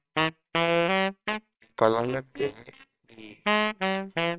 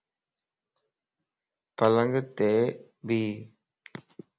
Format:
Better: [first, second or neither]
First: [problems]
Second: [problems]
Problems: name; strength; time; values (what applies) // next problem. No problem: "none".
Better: second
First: noise reduction (neural separator model SepFormer WHAMR!)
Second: none